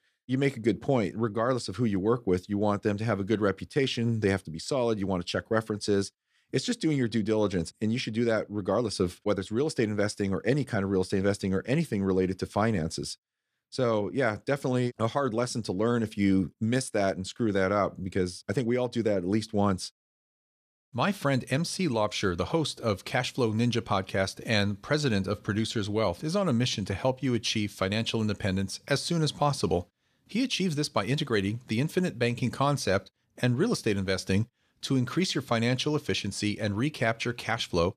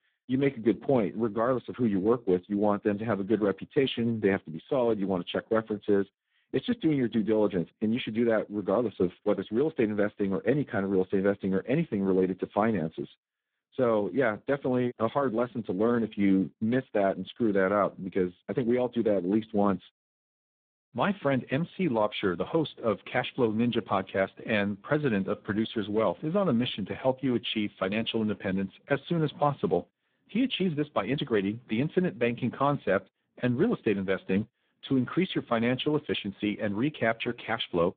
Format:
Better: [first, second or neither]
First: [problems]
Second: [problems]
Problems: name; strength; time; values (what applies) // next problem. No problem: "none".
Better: first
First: none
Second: phone-call audio; poor line